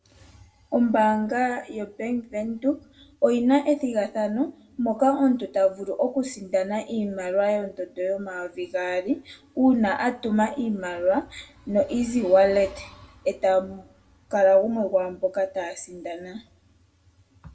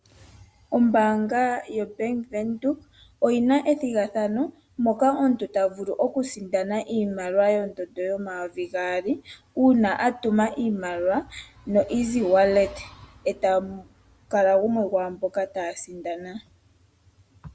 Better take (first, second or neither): second